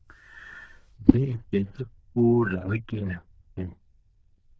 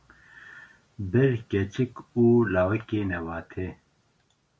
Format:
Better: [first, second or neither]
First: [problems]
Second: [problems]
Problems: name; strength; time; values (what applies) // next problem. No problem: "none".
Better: second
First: noise reduction (neural diffusion model UNIVERSE++)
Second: none